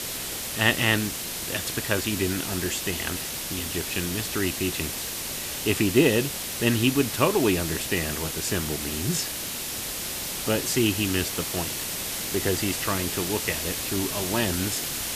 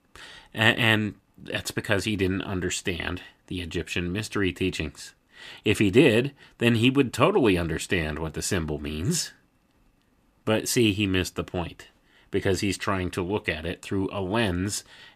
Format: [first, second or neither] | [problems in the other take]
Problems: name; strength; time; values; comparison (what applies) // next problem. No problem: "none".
second | hiss; loud; throughout; 2 dB below the speech